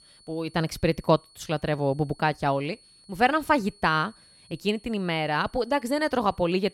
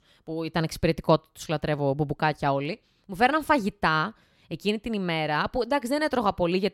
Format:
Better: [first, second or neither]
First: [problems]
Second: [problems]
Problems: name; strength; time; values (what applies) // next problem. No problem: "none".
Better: second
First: high-pitched whine; faint; throughout; 4.5 kHz, 25 dB below the speech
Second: none